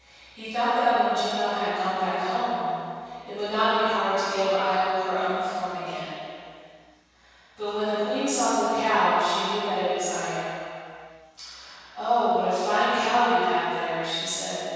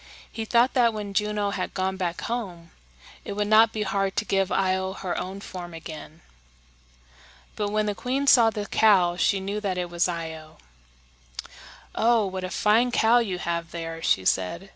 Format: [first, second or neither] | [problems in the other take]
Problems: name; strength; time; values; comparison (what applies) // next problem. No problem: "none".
second | room echo; dies away in 2.2 s